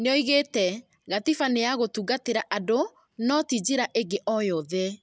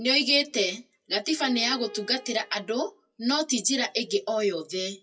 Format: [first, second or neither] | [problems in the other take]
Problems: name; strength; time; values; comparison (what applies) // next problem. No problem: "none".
first | noise reduction (classical method WPE with log-MMSE)